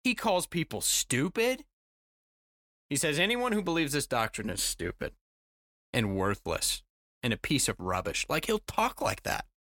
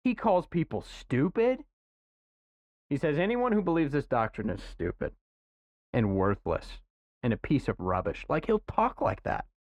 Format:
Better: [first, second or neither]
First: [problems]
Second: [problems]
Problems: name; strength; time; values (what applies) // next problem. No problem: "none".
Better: first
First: none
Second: muffled; very; fading above 4 kHz